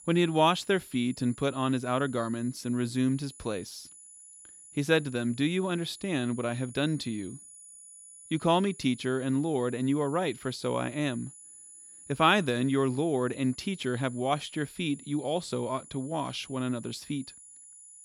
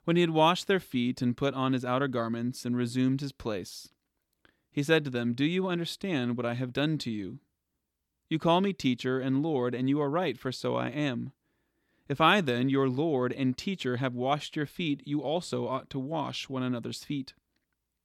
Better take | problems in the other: second | high-pitched whine; noticeable; throughout; 10 kHz, 20 dB below the speech

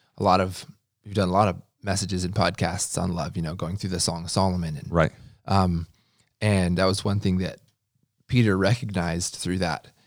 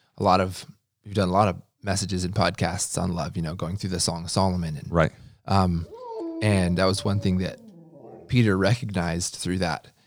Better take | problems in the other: first | dog barking; noticeable; from 6 to 8.5 s; peak 8 dB below the speech

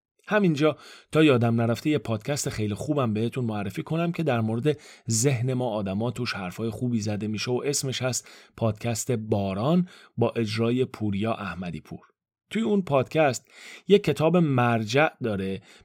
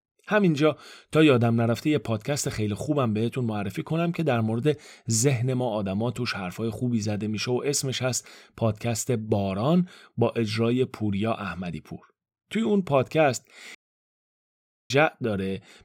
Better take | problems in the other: first | audio cutting out; at 14 s for 1 s

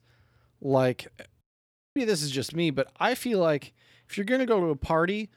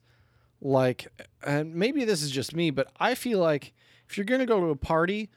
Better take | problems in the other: second | audio cutting out; at 1.5 s for 0.5 s

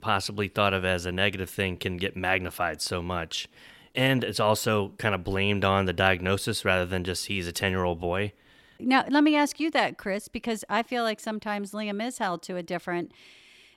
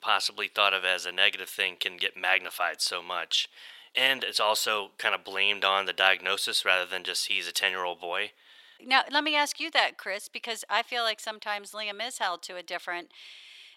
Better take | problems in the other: first | thin; very; fading below 700 Hz

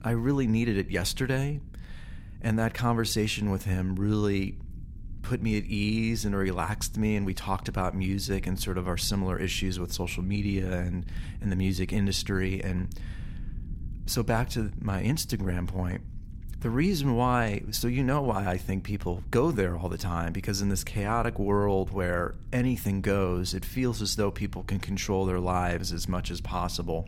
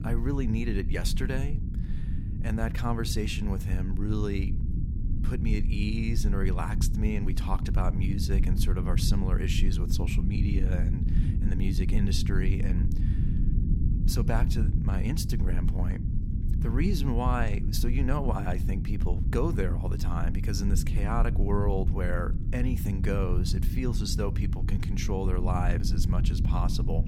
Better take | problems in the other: first | low rumble; loud; throughout; 7 dB below the speech; faint in the first

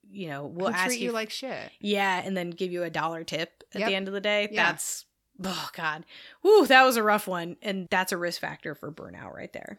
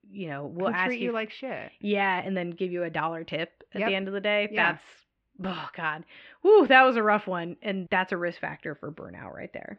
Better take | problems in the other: first | muffled; very; fading above 2.5 kHz

